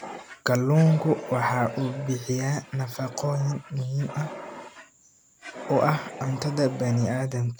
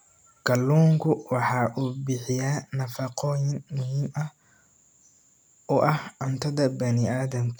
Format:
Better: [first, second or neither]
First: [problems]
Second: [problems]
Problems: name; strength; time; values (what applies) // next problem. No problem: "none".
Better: second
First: background sound (Fire); 14 dB below the speech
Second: none